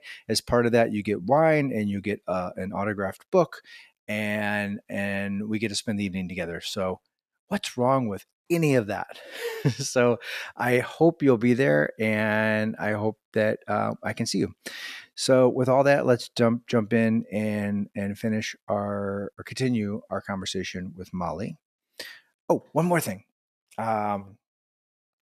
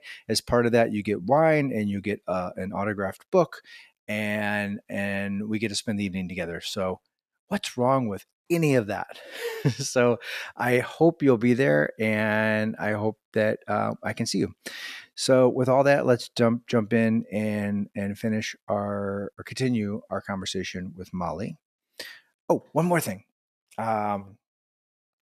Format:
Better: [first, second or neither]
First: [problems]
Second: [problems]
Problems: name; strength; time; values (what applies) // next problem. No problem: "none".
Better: neither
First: none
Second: none